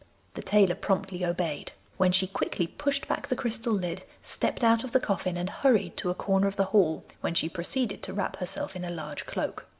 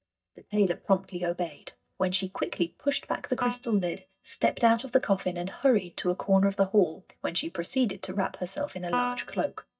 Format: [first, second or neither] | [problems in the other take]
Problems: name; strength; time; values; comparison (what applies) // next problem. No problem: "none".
first | noise reduction (neural mask model DeepFilterNet 3)